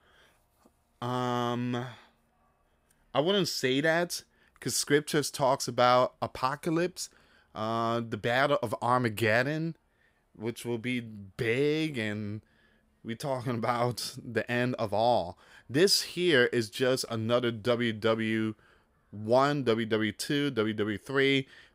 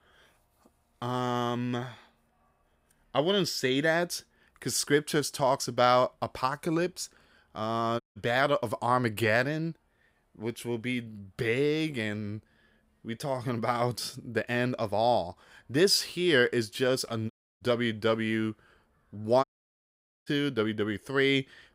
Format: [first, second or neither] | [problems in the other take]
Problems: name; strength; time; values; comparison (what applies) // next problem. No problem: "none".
first | audio cutting out; at 8 s, at 17 s and at 19 s for 1 s